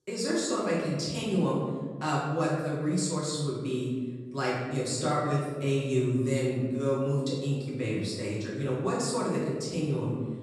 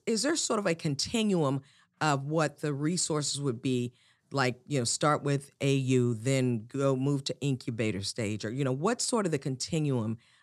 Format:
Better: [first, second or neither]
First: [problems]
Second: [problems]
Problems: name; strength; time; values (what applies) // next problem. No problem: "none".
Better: second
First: room echo; noticeable; dies away in 1.3 s // off-mic speech; far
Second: none